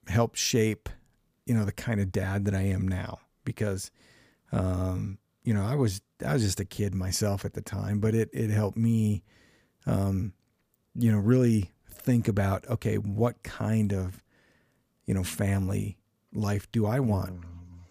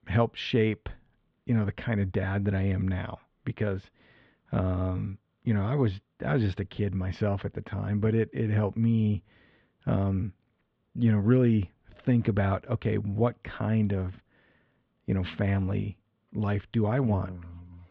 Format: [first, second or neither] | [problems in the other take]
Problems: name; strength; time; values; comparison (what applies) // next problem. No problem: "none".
first | muffled; very; fading above 3.5 kHz